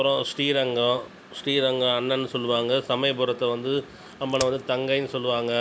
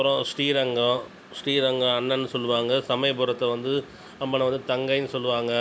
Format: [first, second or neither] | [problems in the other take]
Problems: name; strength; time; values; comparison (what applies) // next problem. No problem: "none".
second | background sound (Crack); 17 dB below the speech